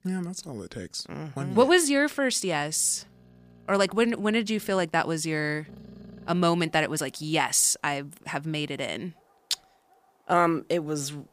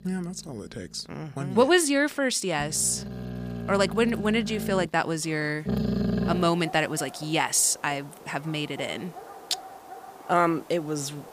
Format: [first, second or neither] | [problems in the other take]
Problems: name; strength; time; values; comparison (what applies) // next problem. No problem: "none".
first | animal sounds; loud; throughout; 8 dB below the speech; faint in the first